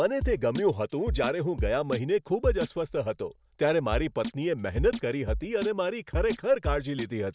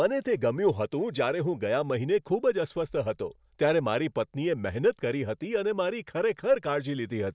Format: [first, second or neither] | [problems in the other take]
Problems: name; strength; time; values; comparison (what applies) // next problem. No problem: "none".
second | background sound (Drum kit); 7 dB below the speech